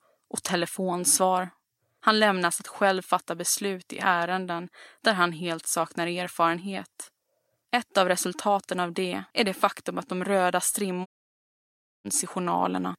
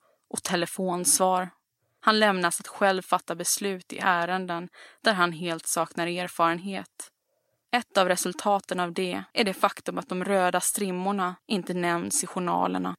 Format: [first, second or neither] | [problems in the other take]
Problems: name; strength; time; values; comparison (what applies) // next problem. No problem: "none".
second | audio cutting out; at 11 s for 1 s